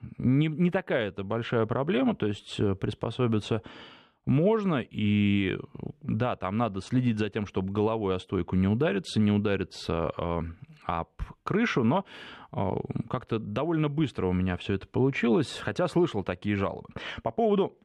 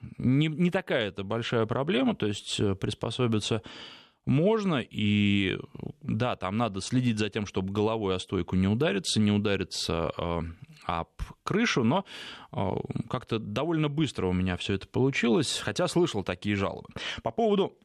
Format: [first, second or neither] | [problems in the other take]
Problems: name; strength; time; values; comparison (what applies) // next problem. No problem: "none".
second | muffled; slightly; fading above 3 kHz